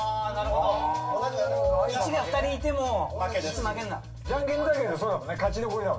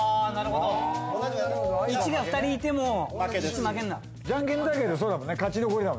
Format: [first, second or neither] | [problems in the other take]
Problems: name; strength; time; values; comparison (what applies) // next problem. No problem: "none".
second | room echo; dies away in 0.2 s